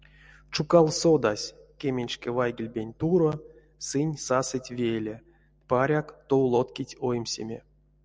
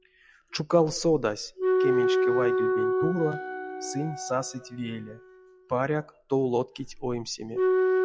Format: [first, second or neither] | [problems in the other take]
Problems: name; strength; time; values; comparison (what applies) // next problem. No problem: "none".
first | noise reduction (classical method log-MMSE)